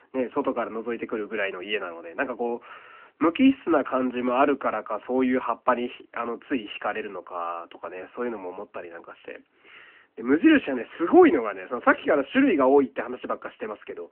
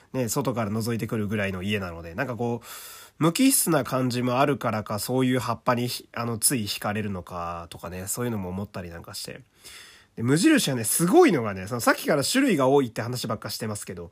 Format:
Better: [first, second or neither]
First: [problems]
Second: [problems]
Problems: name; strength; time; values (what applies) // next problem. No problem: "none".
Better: second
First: phone-call audio; nothing above 3 kHz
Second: none